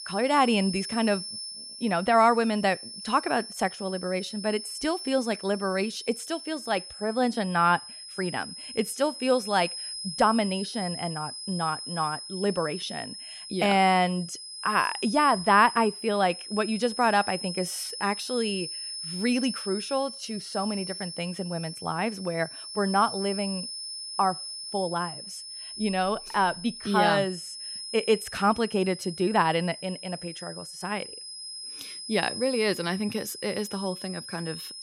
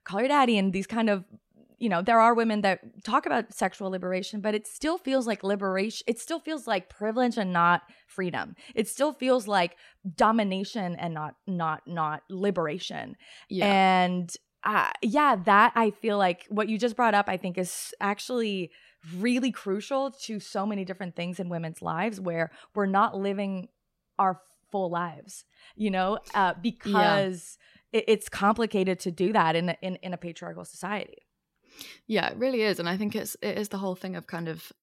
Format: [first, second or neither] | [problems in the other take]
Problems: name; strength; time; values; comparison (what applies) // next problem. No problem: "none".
second | high-pitched whine; loud; throughout; 5 kHz, 9 dB below the speech